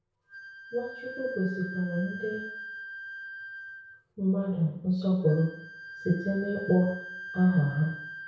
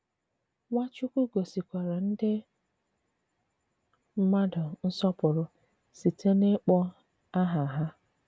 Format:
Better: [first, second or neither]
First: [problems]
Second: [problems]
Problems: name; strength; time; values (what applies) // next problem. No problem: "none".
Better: second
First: background sound (Wind instrument, woodwind instrument); 13 dB below the speech // room echo; dies away in 0.6 s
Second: none